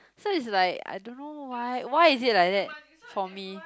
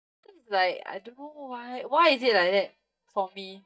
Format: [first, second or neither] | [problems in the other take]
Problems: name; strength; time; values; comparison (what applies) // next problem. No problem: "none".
first | noise reduction (neural mask model DeepFilterNet 3)